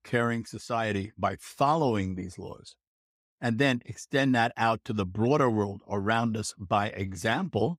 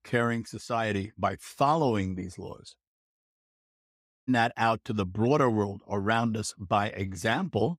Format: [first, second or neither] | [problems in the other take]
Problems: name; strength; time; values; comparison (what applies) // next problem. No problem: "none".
first | audio cutting out; at 3.5 s for 1 s